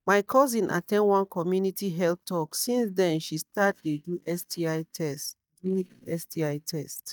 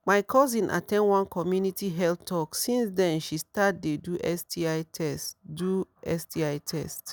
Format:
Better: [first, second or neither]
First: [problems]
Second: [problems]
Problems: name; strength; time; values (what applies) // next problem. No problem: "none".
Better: second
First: noise reduction (neural mask model DeepFilterNet 3)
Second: none